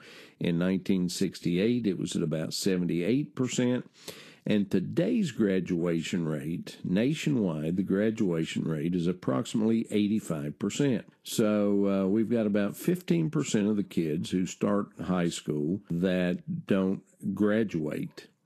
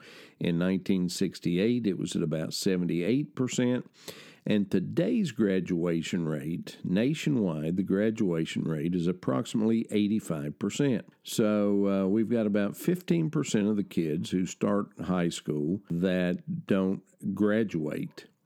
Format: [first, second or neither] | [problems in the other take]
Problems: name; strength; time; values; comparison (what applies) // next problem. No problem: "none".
second | garbled, watery; slightly; nothing above 13 kHz